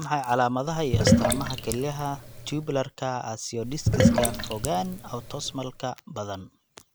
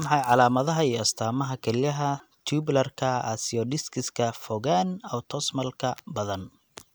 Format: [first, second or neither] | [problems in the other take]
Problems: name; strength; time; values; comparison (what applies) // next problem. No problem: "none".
second | background sound (Sink (filling or washing)); 3 dB above the speech